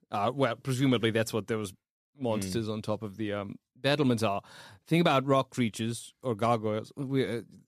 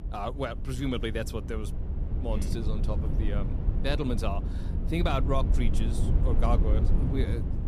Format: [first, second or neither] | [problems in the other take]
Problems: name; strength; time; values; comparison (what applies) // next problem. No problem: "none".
first | low rumble; loud; throughout; 8 dB below the speech